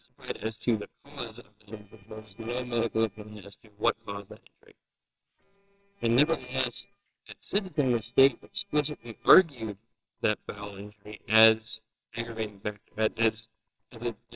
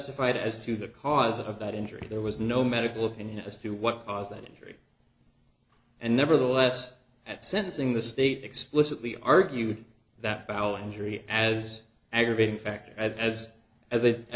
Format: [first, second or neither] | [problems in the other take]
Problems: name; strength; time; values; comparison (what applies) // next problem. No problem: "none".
second | noise reduction (neural separator model SepFormer WHAMR!)